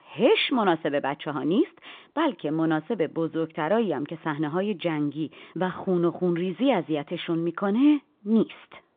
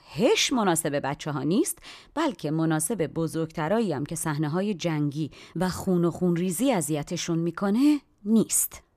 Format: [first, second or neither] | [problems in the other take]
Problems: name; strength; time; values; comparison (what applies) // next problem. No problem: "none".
second | phone-call audio; nothing above 3.5 kHz